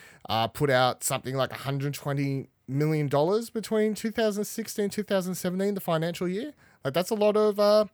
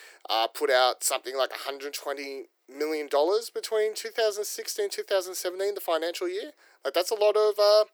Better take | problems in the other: first | thin; very; fading below 350 Hz

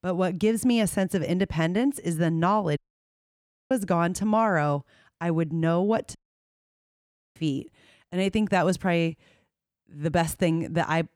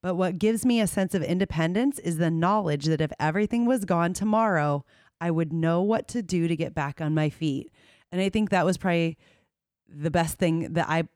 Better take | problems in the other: second | audio cutting out; at 3 s for 1 s and at 6 s for 1 s

